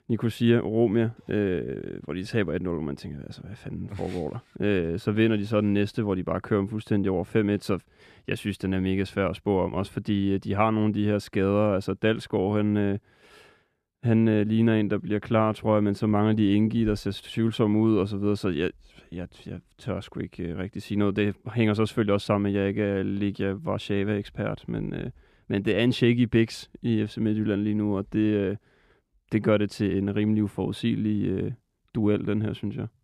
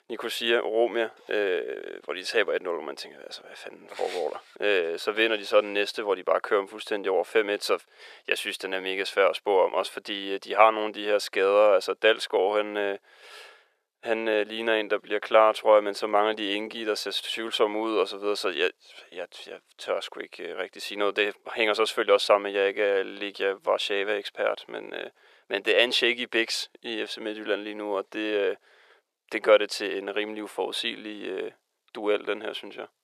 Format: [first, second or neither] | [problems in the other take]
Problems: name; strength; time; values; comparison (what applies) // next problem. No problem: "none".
first | thin; very; fading below 500 Hz